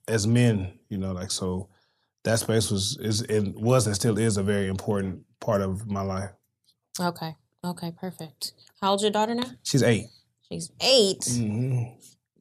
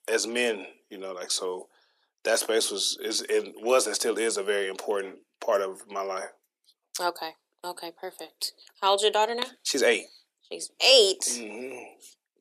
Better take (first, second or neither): first